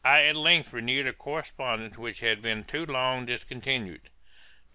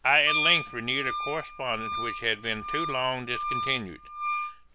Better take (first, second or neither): first